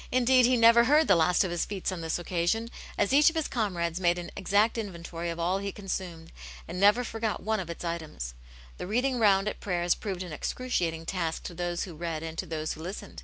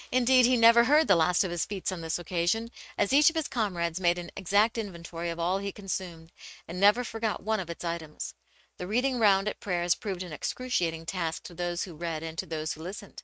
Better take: first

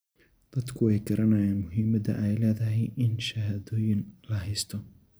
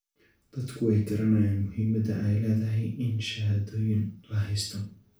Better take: first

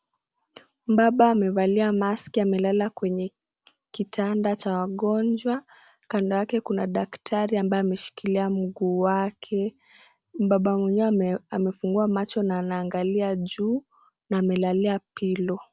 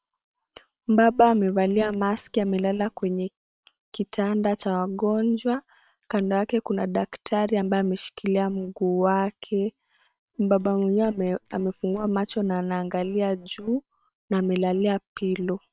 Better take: first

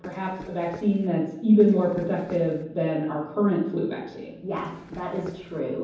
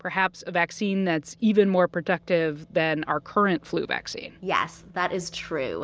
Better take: second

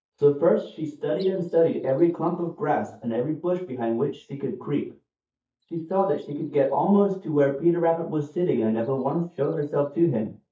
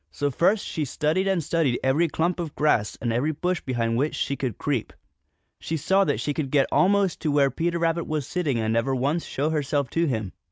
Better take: second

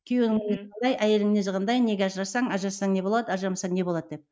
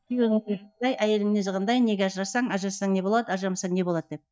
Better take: first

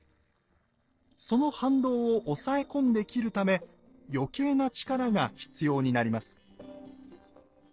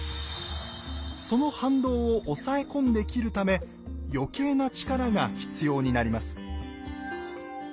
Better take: second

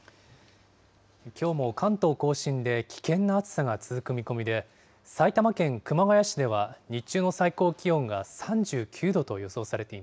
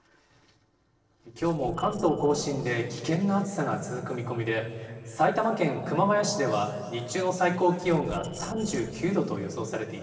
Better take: first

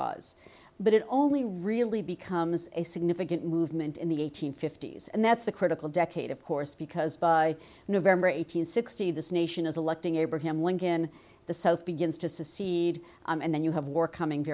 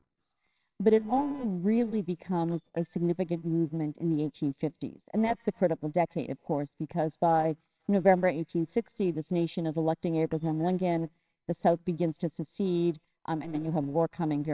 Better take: first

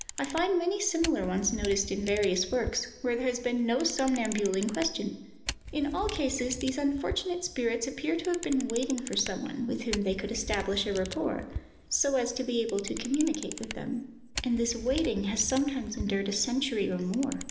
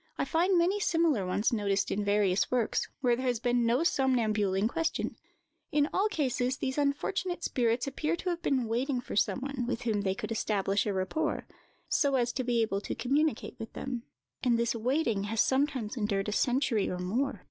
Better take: second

